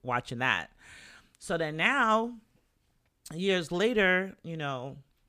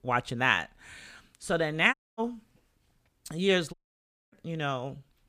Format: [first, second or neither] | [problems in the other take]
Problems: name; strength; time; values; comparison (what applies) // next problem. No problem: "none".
first | audio cutting out; at 2 s and at 3.5 s for 0.5 s